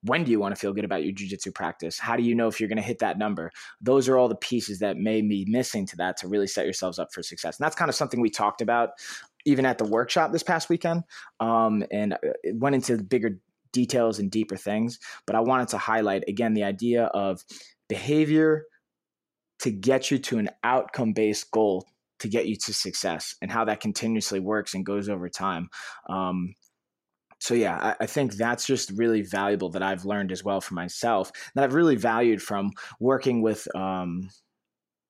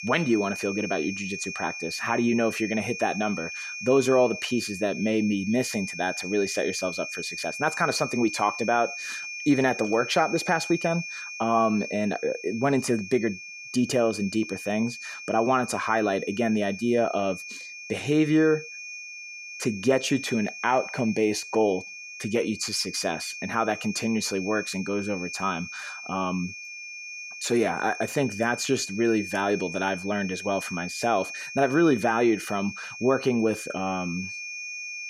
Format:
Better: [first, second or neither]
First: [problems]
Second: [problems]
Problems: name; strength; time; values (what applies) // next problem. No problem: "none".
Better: first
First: none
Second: high-pitched whine; loud; throughout; 2.5 kHz, 9 dB below the speech